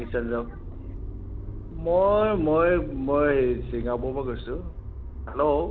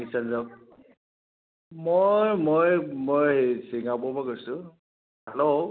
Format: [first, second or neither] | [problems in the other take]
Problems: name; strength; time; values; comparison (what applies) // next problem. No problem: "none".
second | background sound (Motor vehicle (road)); 9 dB below the speech